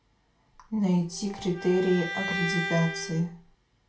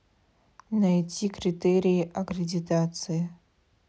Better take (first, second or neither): second